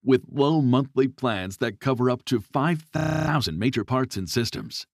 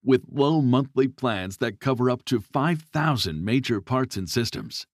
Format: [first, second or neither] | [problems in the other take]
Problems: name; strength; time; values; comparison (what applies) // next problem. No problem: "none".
second | audio freezing; at 3 s